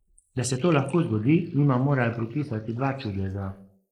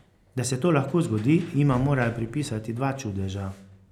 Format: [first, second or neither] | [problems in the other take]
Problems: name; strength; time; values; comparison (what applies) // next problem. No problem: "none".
second | noise reduction (neural mask model Resemble Enhance denoiser)